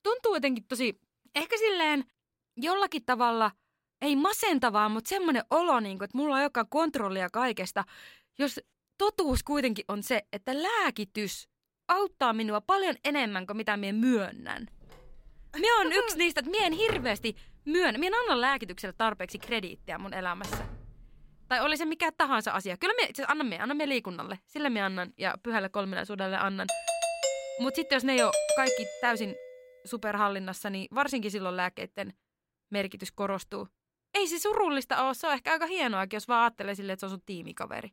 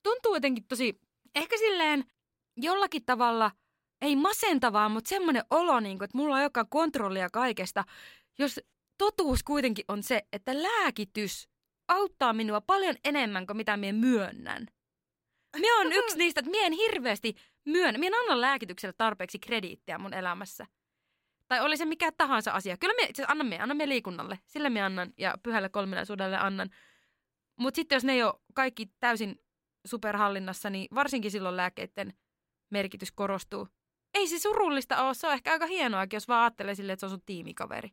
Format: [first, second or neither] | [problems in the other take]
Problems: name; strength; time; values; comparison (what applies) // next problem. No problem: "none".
second | phone ringing; noticeable; from 15 to 22 s; peak 9 dB below the speech // doorbell; loud; from 27 to 29 s; peak 2 dB above the speech